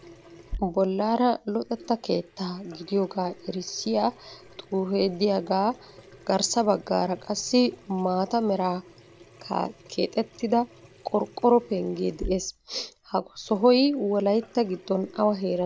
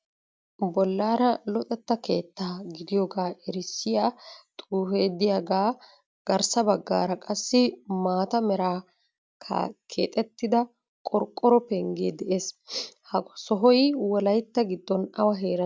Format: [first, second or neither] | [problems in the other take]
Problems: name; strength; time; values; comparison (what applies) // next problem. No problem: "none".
second | background sound (Sink (filling or washing) / Water tap, faucet); 20 dB below the speech